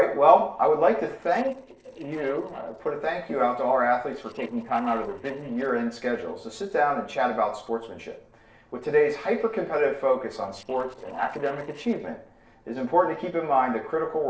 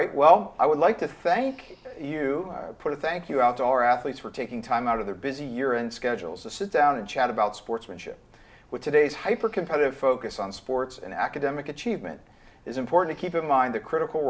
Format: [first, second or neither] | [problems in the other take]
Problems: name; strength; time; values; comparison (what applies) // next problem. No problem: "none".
second | noise reduction (neural separator model SepFormer DNS4)